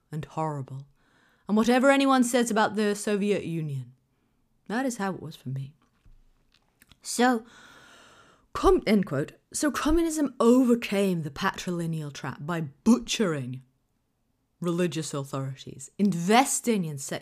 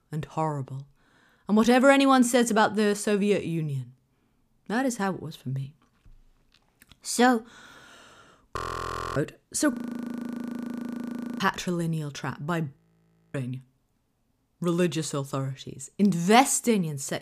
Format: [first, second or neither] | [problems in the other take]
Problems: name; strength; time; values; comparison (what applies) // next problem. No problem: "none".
first | audio freezing; at 8.5 s for 0.5 s, at 9.5 s for 1.5 s and at 13 s for 0.5 s